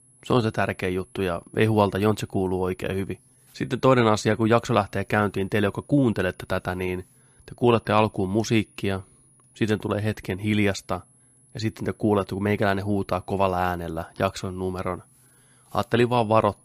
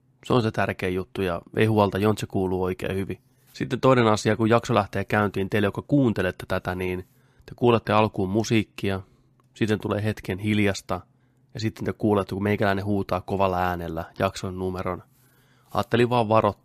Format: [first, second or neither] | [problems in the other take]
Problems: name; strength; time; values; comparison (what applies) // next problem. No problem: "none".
second | high-pitched whine; faint; throughout; 10.5 kHz, 30 dB below the speech